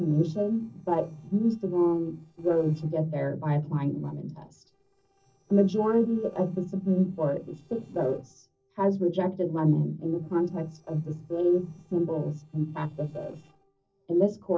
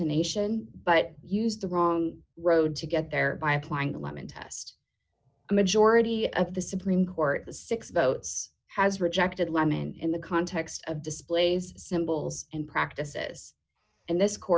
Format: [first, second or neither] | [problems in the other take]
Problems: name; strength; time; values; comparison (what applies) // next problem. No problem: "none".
second | noise reduction (neural separator model SepFormer DNS4)